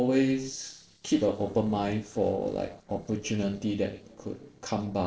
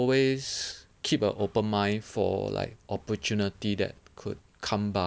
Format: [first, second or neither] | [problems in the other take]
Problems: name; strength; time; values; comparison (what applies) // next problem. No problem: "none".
second | noise reduction (neural separator model SepFormer DNS4)